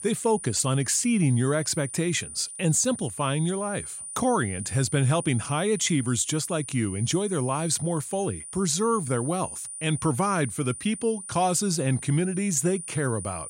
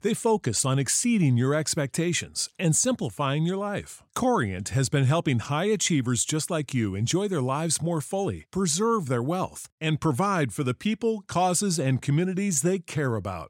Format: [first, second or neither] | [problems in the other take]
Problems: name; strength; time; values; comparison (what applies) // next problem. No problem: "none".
second | high-pitched whine; loud; throughout; 9.5 kHz, 10 dB below the speech